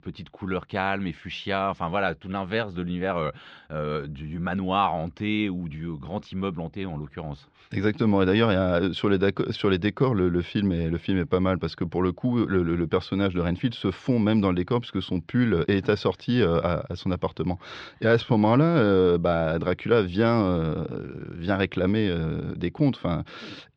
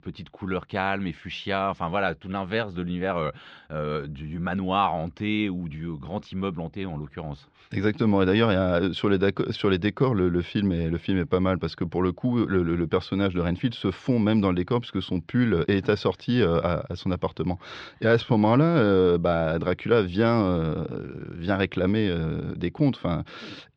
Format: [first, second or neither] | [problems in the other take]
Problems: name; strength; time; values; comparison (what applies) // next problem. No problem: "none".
neither | muffled; very slightly; fading above 4 kHz; the same in both